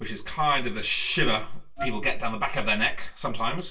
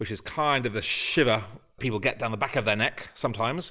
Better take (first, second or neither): second